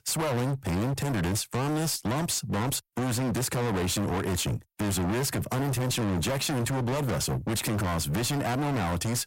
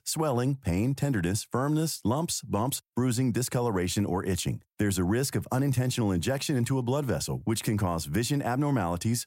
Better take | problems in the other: second | distortion; heavy; 49% of the sound clipped

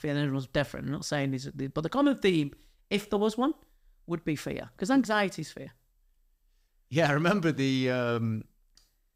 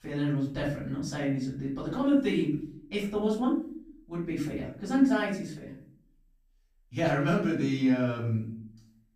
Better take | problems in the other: first | off-mic speech; far // room echo; noticeable; dies away in 0.6 s

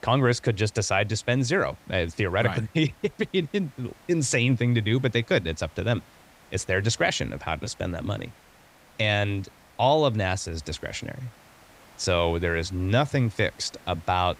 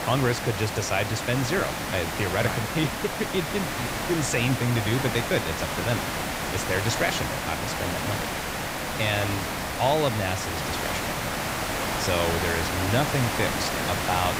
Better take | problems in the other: first | hiss; loud; throughout; 1 dB below the speech; faint in the first

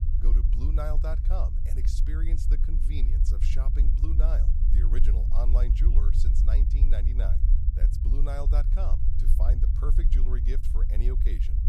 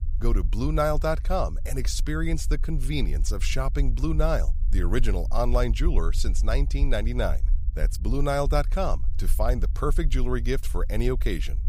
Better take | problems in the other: second | low rumble; loud; throughout; 4 dB below the speech; faint in the second

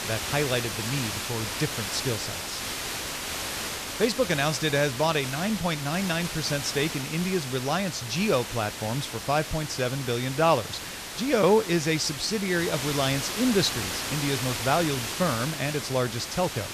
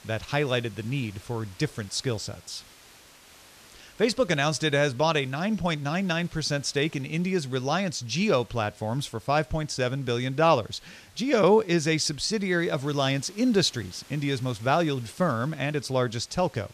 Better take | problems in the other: second | hiss; loud; throughout; 5 dB below the speech; faint in the second

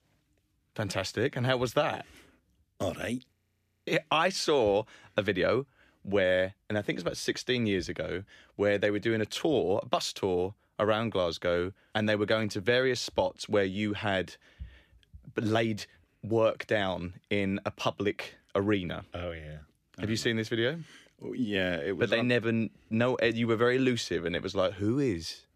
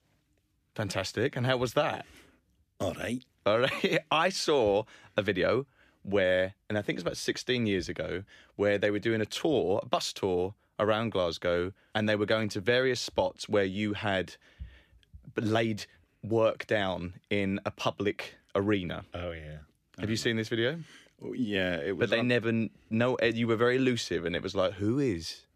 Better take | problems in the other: second | audio freezing; at 3.5 s for 0.5 s

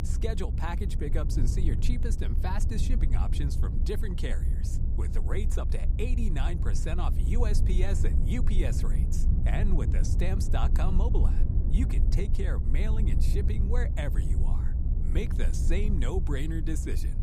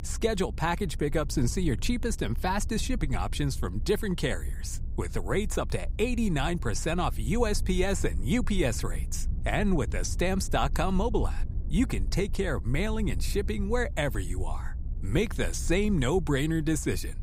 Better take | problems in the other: second | low rumble; loud; throughout; 6 dB below the speech; faint in the second

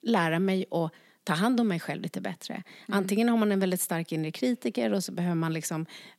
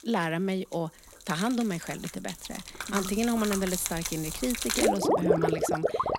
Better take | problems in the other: first | rain or running water; very loud; throughout; 1 dB above the speech

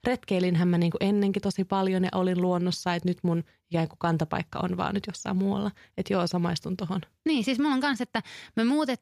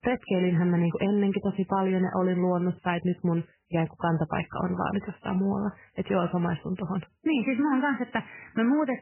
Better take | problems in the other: first | garbled, watery; badly; nothing above 3 kHz

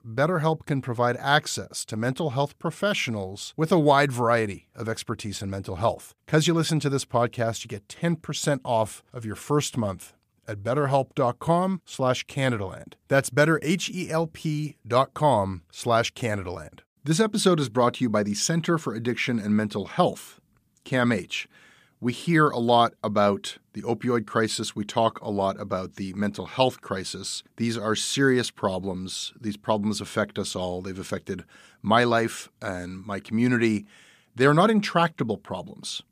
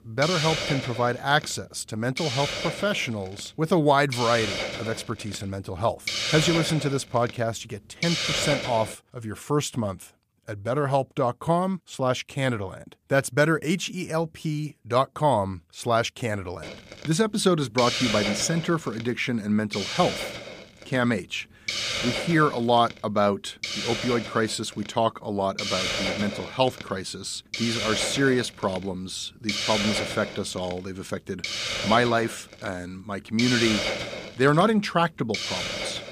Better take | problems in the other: first | hiss; loud; until 9 s and from 17 s on; 3 dB below the speech

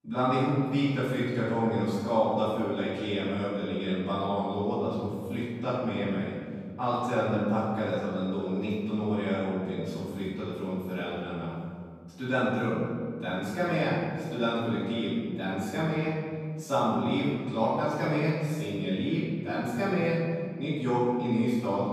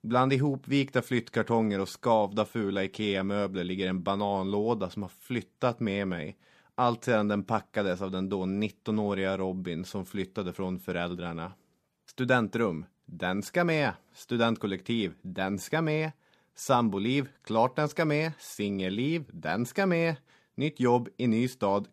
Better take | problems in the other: second | off-mic speech; far // room echo; strong; dies away in 2 s

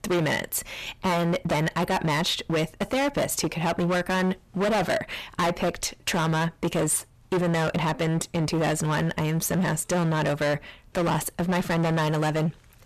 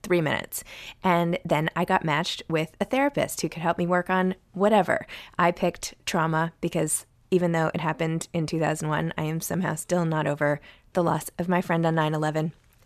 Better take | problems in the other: second | distortion; heavy; 21% of the sound clipped

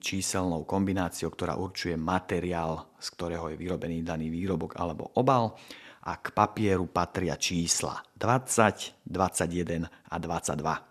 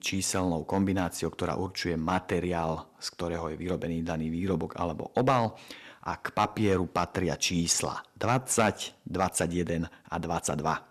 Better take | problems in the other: first | distortion; slight; 0.8% of the sound clipped

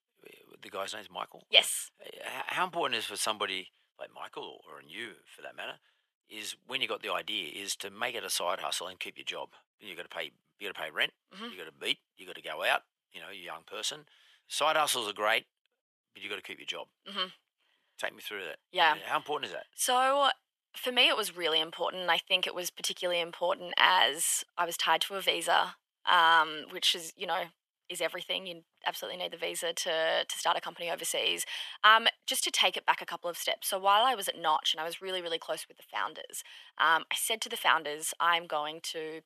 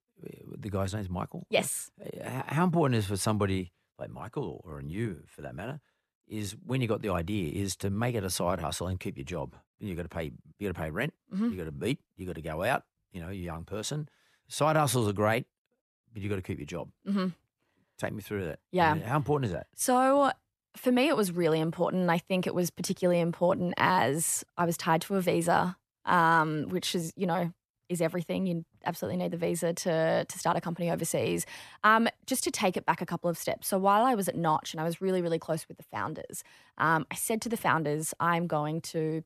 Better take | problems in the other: second | thin; very; fading below 650 Hz

